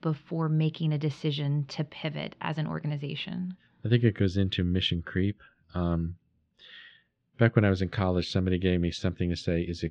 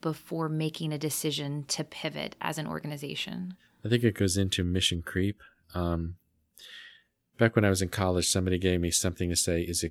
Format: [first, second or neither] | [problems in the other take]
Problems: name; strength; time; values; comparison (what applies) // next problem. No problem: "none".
second | muffled; slightly; fading above 4 kHz